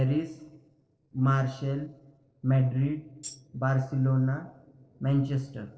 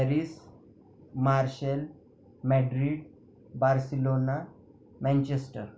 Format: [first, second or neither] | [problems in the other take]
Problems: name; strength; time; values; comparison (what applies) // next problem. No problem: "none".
second | noise reduction (neural separator model SepFormer DNS4)